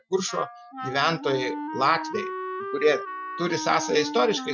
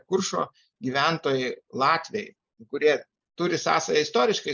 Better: second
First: noise reduction (classical method Wiener filter)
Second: none

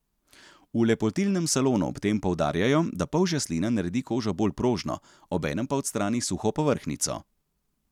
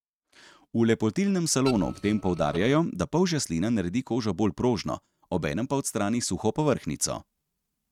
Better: first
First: none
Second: noise reduction (neural mask model RNNoise)

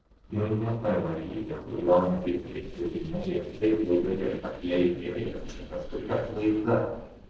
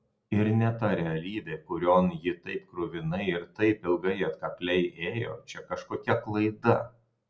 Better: second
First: noise reduction (neural separator model SepFormer DNS4)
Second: none

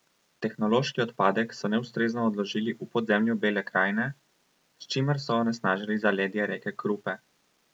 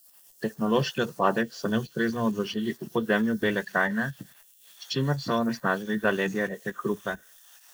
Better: first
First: none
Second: noise reduction (neural mask model Resemble Enhance denoiser)

